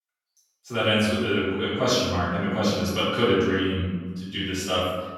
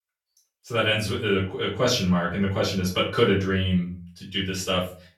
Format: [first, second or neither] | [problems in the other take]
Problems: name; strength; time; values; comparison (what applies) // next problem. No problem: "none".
second | room echo; strong; dies away in 1.4 s; slight in the second // off-mic speech; far; far in the second